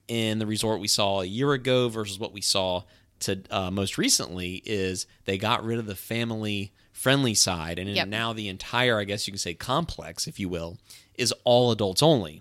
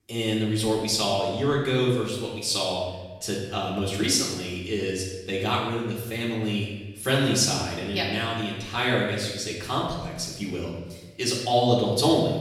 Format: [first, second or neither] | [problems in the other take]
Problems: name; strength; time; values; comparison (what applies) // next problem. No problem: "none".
first | room echo; noticeable; dies away in 1 s // off-mic speech; far